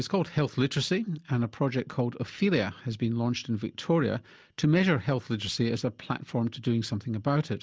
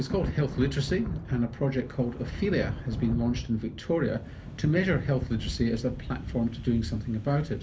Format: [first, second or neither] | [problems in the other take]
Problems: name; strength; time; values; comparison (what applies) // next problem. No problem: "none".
first | background sound (Thunder / Rain); 8 dB below the speech // room echo; dies away in 0.3 s